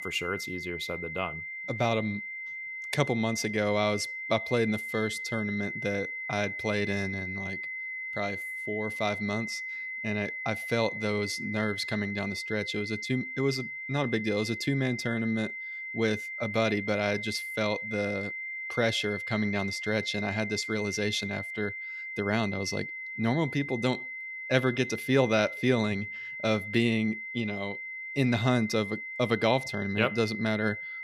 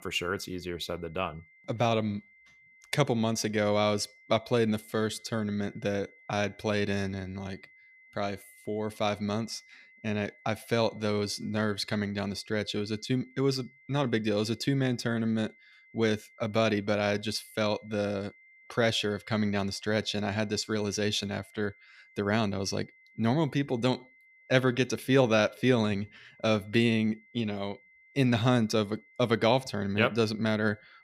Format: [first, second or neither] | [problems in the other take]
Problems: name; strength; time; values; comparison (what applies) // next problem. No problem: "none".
second | high-pitched whine; loud; throughout; 2 kHz, 5 dB below the speech; faint in the second